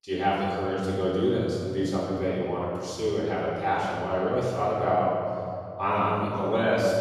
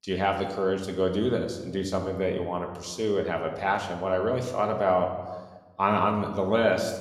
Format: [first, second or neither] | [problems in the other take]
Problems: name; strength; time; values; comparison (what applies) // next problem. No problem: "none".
second | room echo; strong; dies away in 2.9 s; slight in the second // off-mic speech; far